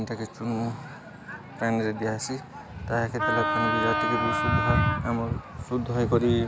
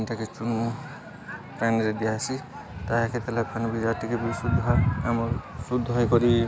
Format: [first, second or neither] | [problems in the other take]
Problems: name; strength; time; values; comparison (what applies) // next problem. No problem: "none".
second | background sound (Wind instrument, woodwind instrument); as loud as the speech